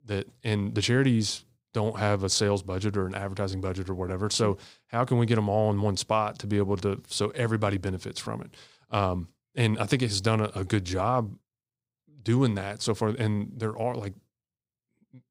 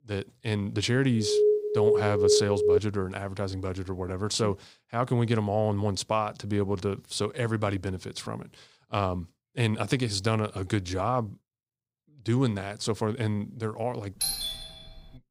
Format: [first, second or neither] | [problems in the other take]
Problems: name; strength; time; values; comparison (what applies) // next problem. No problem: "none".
first | alarm; loud; from 1 to 3 s; peak 6 dB above the speech // doorbell; loud; at 14 s; peak 1 dB above the speech